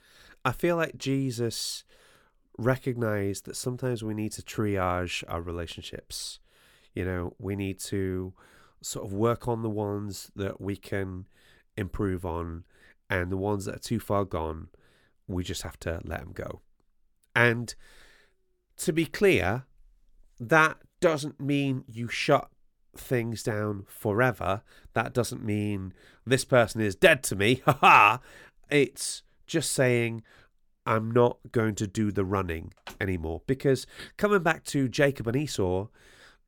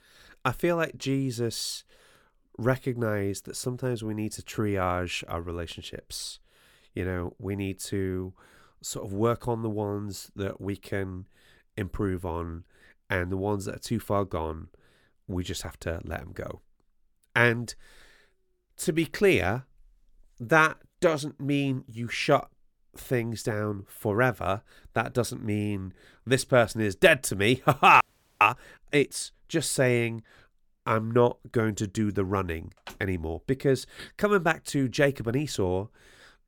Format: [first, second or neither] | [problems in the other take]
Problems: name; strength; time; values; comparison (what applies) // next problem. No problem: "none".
first | audio freezing; at 28 s